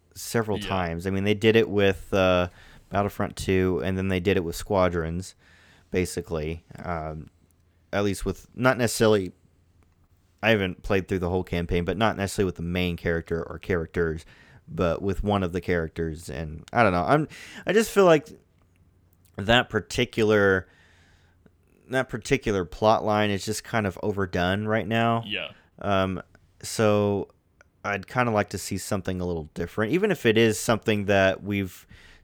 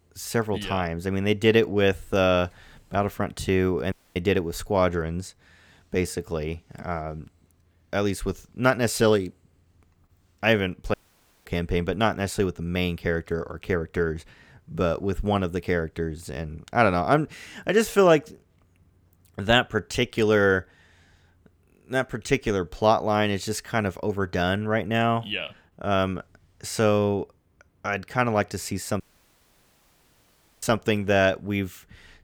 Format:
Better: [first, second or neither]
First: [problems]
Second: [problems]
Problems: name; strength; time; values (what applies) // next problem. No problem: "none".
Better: first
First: none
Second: audio cutting out; at 4 s, at 11 s for 0.5 s and at 29 s for 1.5 s